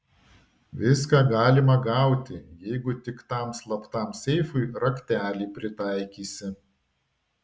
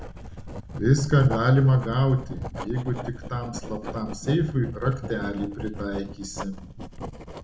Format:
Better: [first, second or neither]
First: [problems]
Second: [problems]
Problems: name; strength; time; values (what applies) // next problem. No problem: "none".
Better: first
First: none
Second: background sound (Writing); 10 dB below the speech // room echo; dies away in 0.4 s